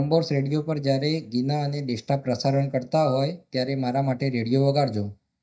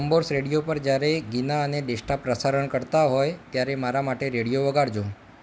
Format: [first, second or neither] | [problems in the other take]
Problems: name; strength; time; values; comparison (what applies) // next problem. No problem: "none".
second | noise reduction (neural mask model DeepFilterNet 3)